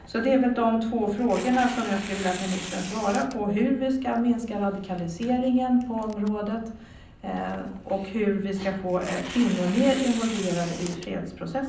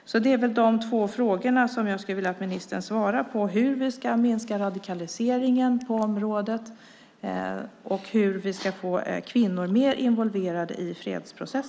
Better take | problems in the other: second | background sound (Tearing); 15 dB below the speech // room echo; dies away in 0.6 s

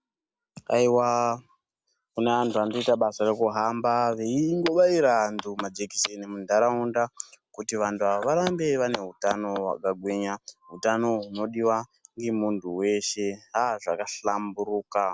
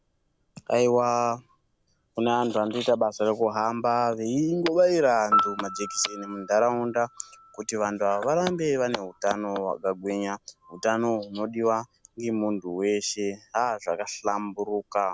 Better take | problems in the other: first | background sound (Piano); 12 dB below the speech

